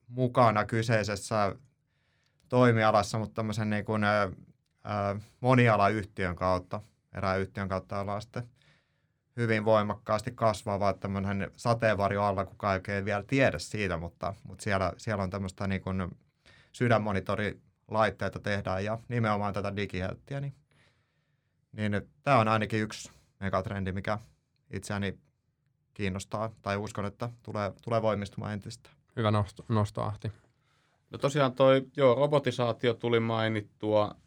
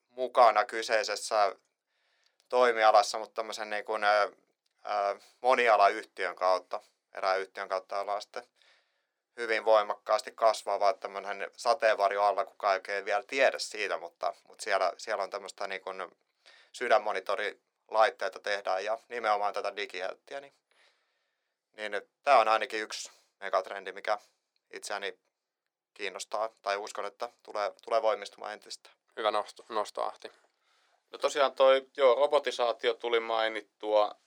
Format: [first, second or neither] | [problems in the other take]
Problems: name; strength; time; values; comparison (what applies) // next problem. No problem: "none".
first | thin; very; fading below 400 Hz